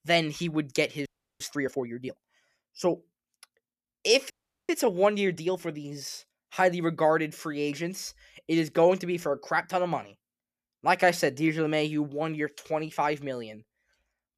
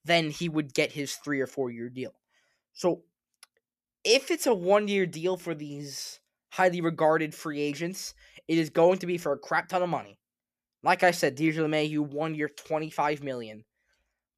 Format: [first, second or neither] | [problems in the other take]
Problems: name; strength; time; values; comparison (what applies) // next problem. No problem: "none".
second | audio freezing; at 1 s and at 4.5 s